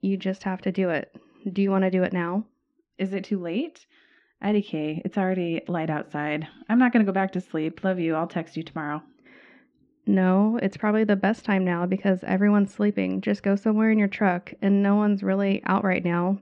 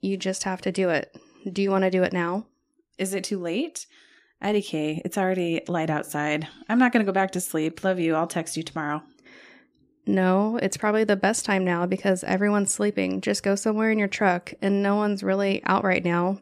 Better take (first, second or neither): second